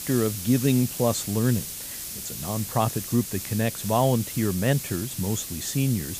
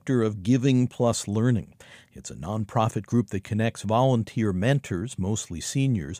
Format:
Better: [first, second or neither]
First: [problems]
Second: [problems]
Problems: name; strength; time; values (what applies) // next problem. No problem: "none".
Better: second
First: hiss; loud; throughout; 7 dB below the speech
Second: none